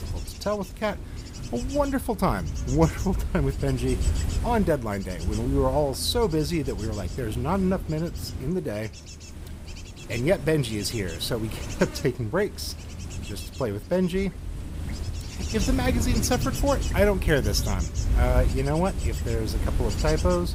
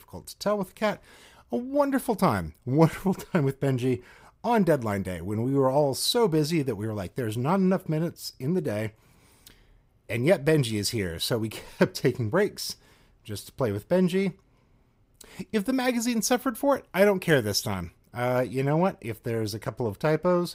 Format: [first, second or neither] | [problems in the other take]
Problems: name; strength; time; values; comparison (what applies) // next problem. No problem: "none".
second | wind noise on the microphone; occasional gusts; 10 dB below the speech